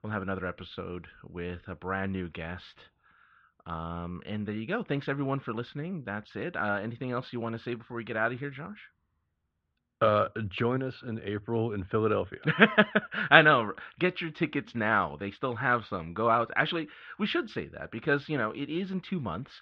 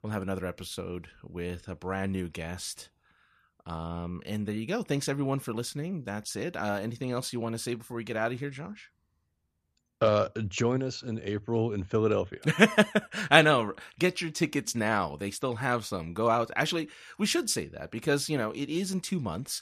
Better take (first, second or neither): second